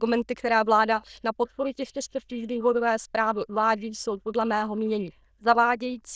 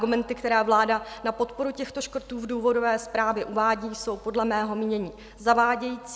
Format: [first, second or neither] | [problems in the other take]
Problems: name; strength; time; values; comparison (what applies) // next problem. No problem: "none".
second | noise reduction (neural diffusion model UNIVERSE++)